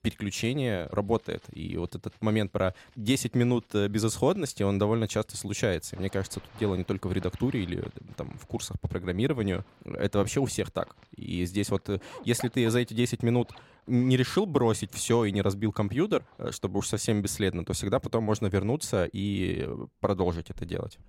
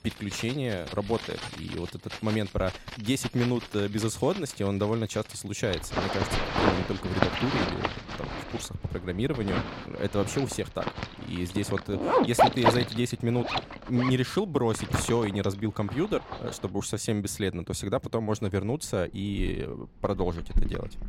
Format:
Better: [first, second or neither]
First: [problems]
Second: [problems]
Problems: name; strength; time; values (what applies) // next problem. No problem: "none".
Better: first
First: household noises; faint; throughout; 25 dB below the speech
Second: household noises; loud; throughout; 1 dB below the speech